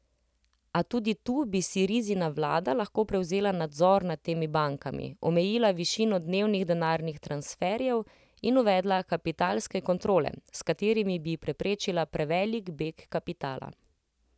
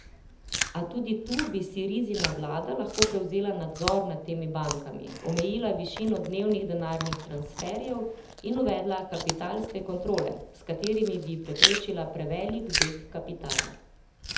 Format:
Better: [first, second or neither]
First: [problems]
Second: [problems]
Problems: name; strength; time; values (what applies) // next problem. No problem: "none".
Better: first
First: none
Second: background sound (Chewing, mastication); 4 dB below the speech // room echo; dies away in 0.8 s